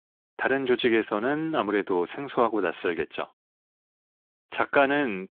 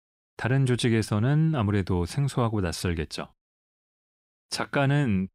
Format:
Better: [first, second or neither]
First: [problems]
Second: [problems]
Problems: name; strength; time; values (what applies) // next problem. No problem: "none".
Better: second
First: phone-call audio; nothing above 3.5 kHz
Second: none